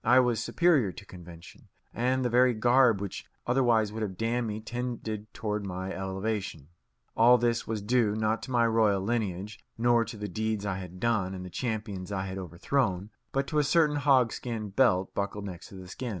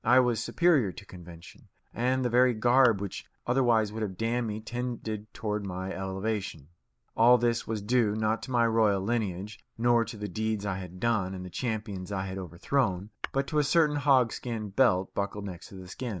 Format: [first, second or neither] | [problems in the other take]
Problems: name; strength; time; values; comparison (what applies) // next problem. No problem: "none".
first | noise reduction (neural mask model Resemble Enhance denoiser)